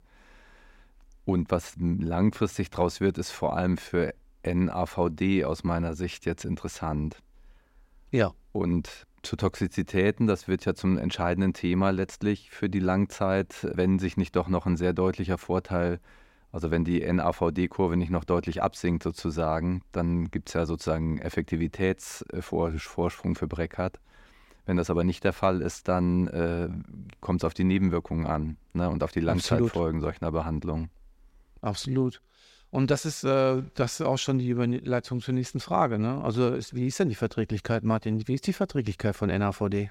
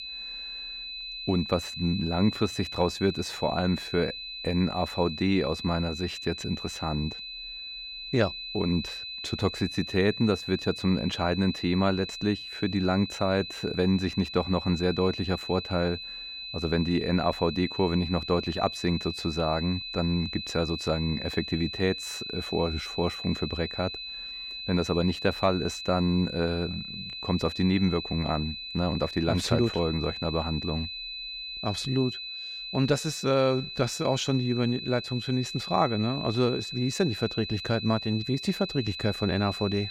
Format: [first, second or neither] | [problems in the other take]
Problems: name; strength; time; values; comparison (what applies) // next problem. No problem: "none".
first | high-pitched whine; loud; throughout; 4 kHz, 7 dB below the speech